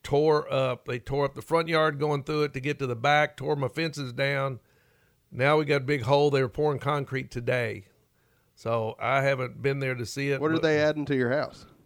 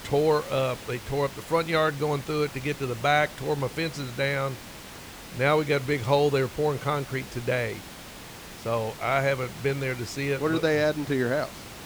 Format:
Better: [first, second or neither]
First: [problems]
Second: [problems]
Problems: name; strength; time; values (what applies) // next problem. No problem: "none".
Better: first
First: none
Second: hiss; noticeable; throughout; 15 dB below the speech